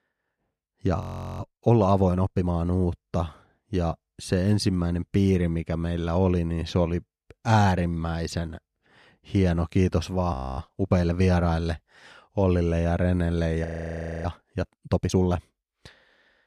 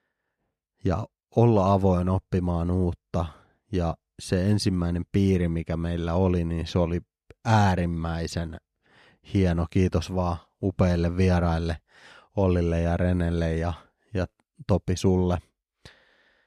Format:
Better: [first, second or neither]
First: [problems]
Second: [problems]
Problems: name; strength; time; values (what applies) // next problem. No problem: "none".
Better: second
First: audio freezing; at 1 s, at 10 s and at 14 s for 0.5 s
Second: none